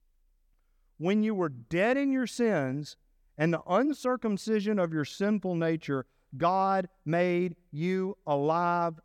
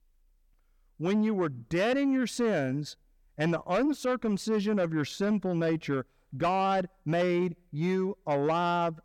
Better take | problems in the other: first | distortion; slight; 10 dB below the speech

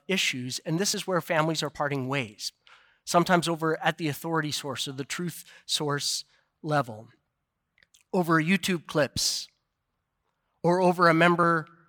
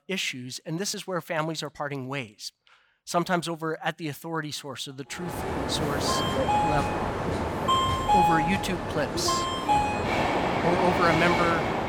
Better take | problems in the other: first | train or aircraft noise; very loud; from 5.5 s on; 4 dB above the speech

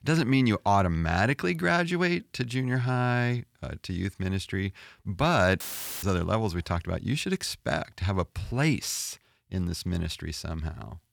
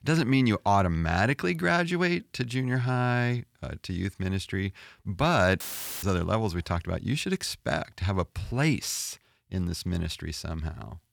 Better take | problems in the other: neither | audio cutting out; filled with static; at 5.5 s; the same in both

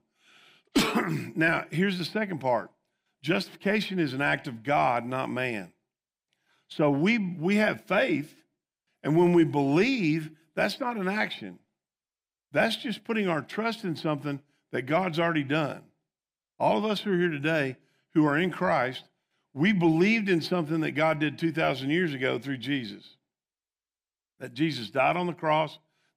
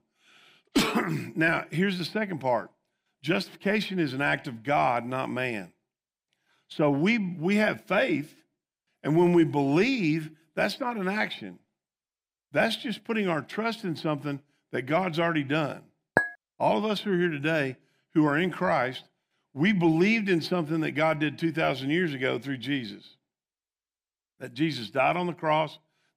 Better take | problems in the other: first | clattering dishes; noticeable; at 16 s; peak level with the speech

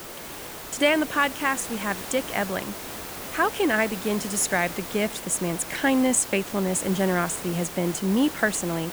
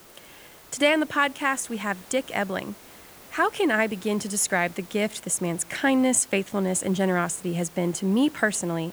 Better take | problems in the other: second | hiss; loud; throughout; 10 dB below the speech; faint in the second

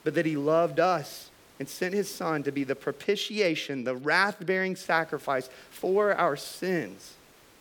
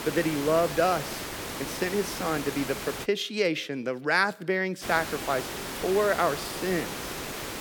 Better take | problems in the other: first | hiss; loud; until 3 s and from 5 s on; 7 dB below the speech; faint in the first

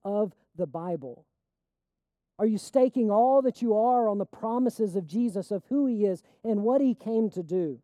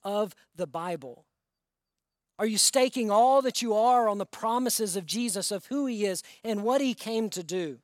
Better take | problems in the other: second | muffled; very; fading above 1 kHz

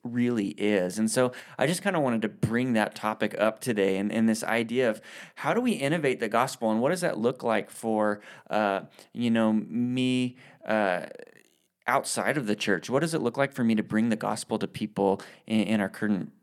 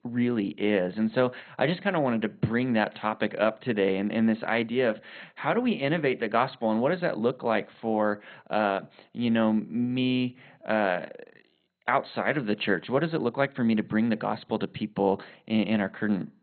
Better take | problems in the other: first | garbled, watery; badly; nothing above 4 kHz

